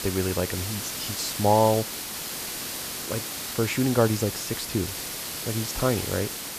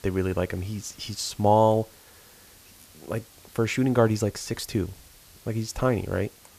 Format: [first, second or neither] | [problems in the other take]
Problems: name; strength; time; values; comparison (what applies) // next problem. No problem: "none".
second | hiss; loud; throughout; 4 dB below the speech; faint in the second